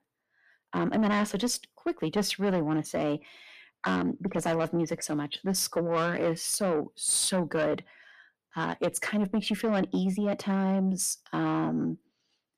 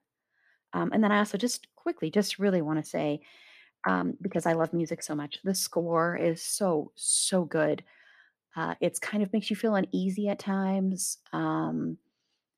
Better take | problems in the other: second | distortion; slight; 10 dB below the speech

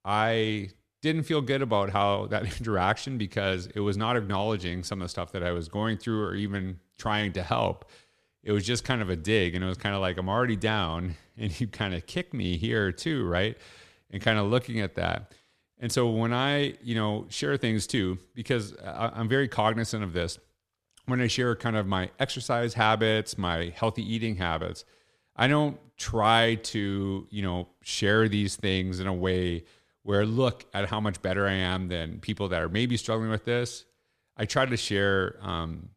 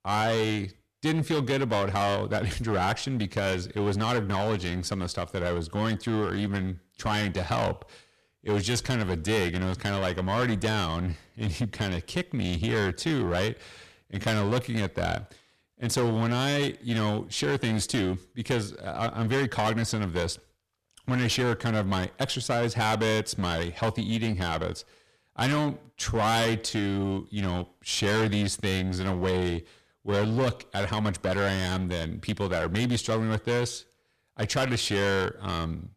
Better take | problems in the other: first | distortion; heavy; 12% of the sound clipped

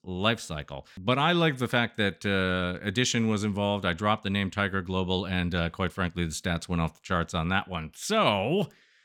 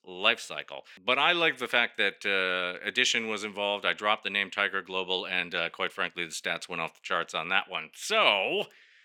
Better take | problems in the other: first | thin; very; fading below 450 Hz

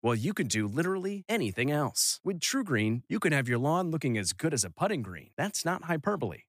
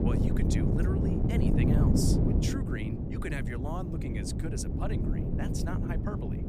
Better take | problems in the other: first | wind noise on the microphone; heavy; 3 dB above the speech

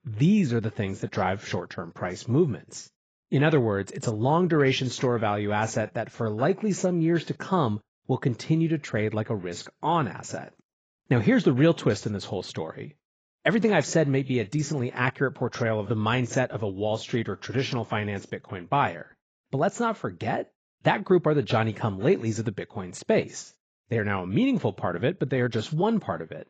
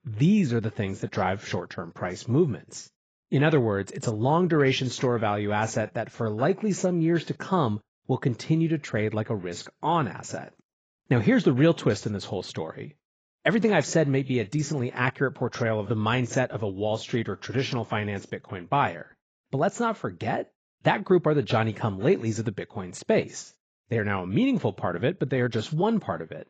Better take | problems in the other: neither | garbled, watery; badly; nothing above 7.5 kHz; the same in both

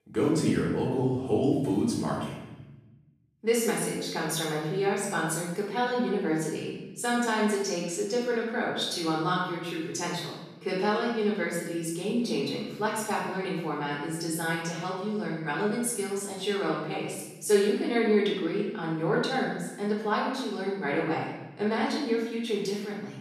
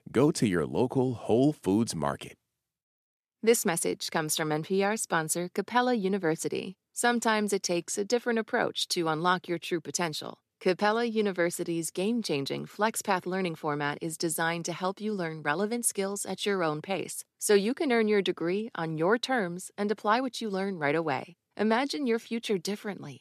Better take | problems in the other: second | room echo; noticeable; dies away in 1 s // off-mic speech; far

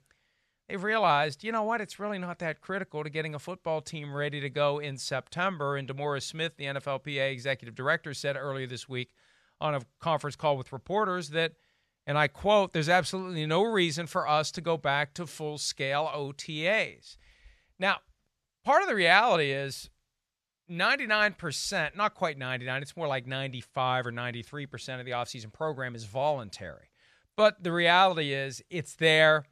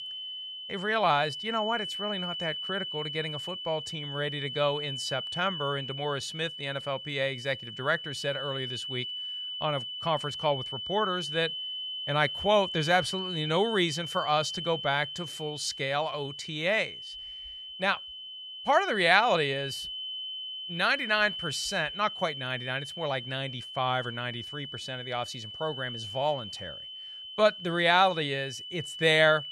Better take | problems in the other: first | high-pitched whine; loud; throughout; 3 kHz, 7 dB below the speech

